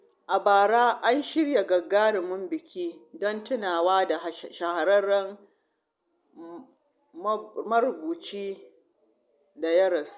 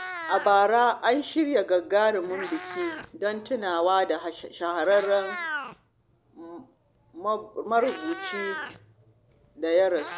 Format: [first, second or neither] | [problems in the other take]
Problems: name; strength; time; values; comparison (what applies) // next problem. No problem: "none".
first | background sound (Meow); 13 dB below the speech